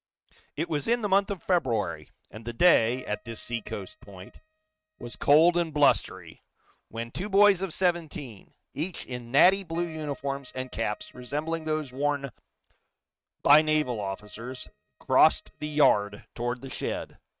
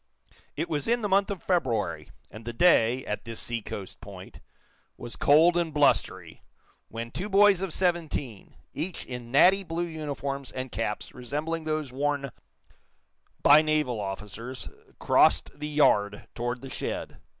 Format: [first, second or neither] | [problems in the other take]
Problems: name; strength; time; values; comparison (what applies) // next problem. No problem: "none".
second | noise reduction (neural mask model RNNoise)